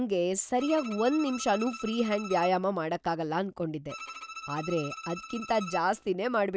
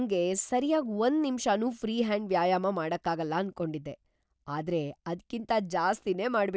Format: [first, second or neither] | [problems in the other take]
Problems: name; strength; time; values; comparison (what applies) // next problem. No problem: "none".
second | background sound (Bowed string instrument); 14 dB below the speech